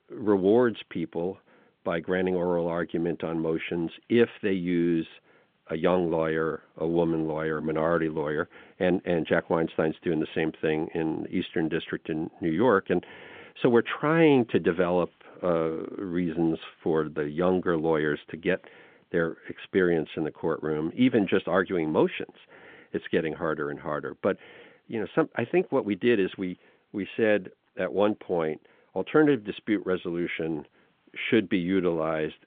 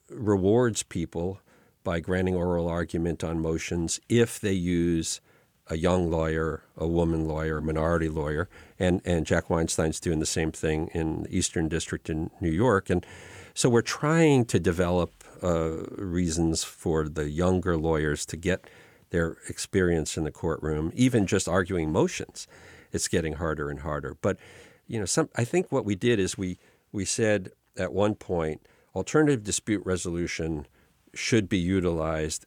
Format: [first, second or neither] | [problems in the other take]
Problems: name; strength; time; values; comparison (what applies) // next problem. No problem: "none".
second | phone-call audio